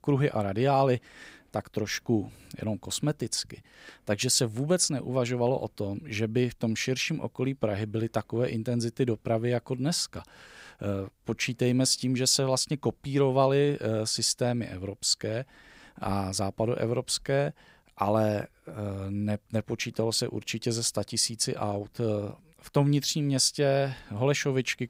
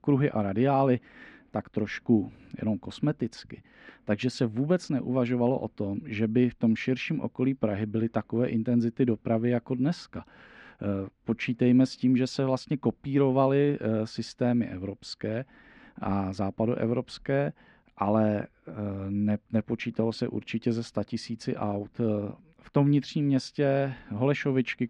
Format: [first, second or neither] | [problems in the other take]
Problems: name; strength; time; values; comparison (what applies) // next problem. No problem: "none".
first | muffled; slightly; fading above 2.5 kHz